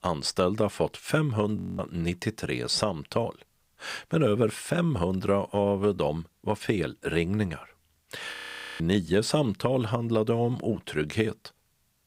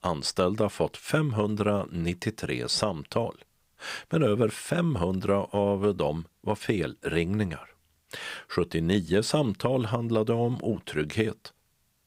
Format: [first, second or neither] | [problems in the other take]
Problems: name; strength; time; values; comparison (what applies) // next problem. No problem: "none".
second | audio freezing; at 1.5 s and at 8.5 s